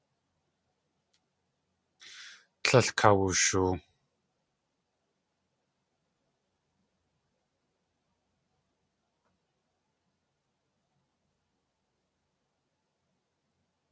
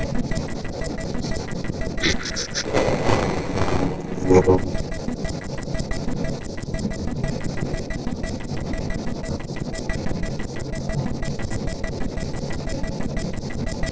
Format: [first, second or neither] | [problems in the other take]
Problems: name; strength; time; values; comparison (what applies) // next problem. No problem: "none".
first | noise reduction (neural separator model SepFormer DNS4)